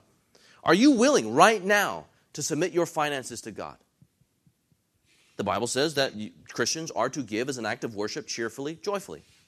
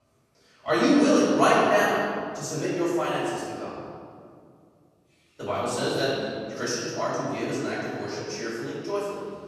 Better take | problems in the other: first | off-mic speech; far // room echo; strong; dies away in 1.9 s

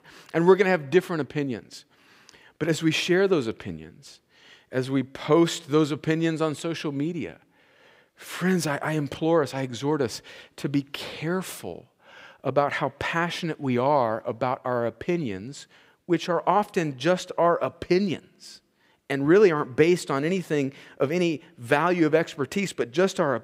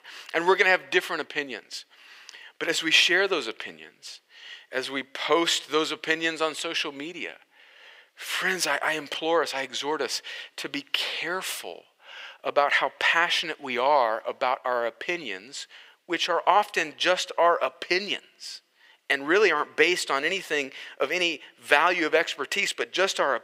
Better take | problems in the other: first | thin; very; fading below 600 Hz

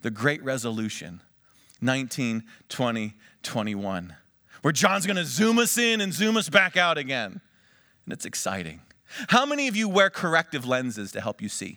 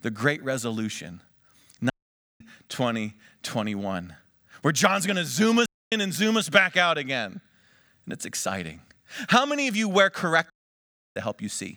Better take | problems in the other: first | audio cutting out; at 2 s for 0.5 s, at 5.5 s and at 11 s for 0.5 s

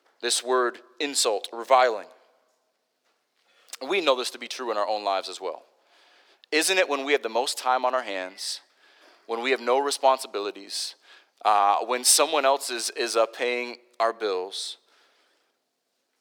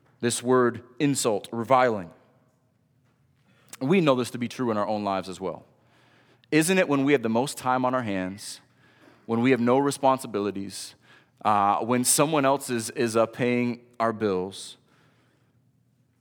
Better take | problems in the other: second | thin; very; fading below 400 Hz

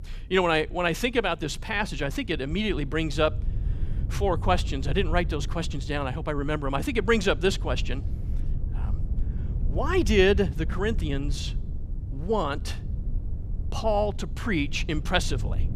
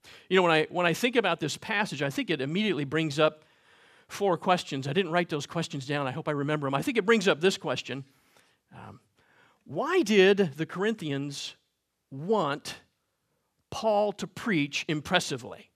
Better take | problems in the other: second | low rumble; faint; throughout; 20 dB below the speech

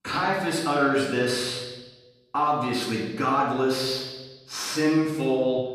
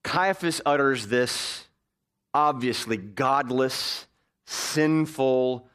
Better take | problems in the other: second | off-mic speech; far // room echo; noticeable; dies away in 1.1 s

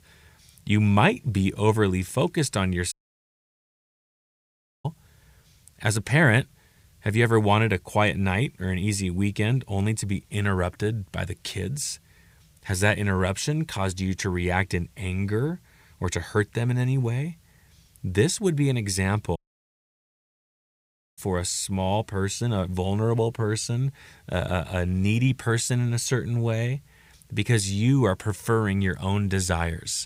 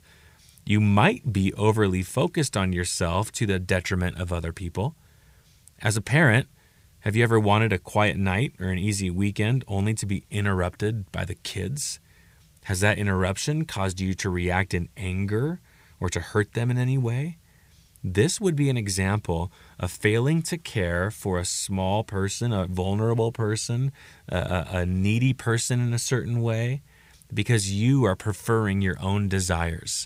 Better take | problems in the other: second | audio cutting out; at 3 s for 2 s and at 19 s for 2 s

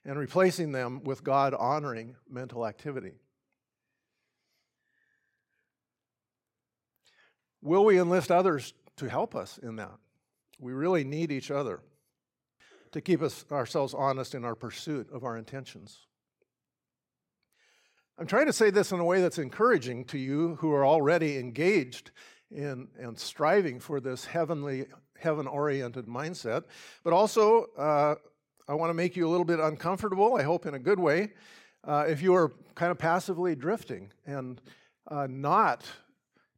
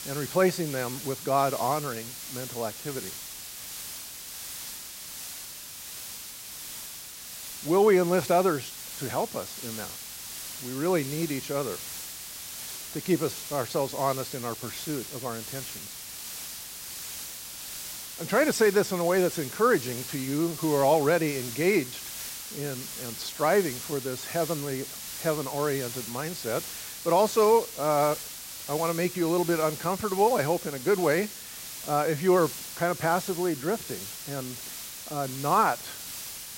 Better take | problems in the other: first | hiss; loud; throughout; 9 dB below the speech

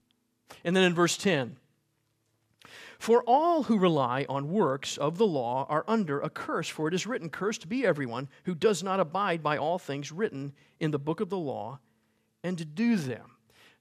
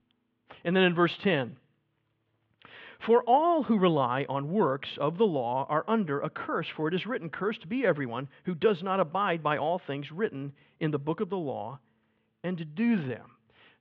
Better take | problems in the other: first | muffled; very; fading above 3 kHz

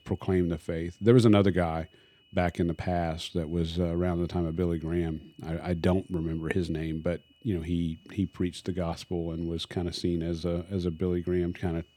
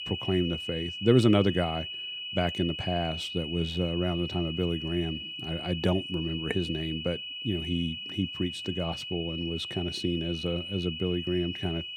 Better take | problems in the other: first | high-pitched whine; loud; throughout; 3 kHz, 5 dB below the speech; faint in the first

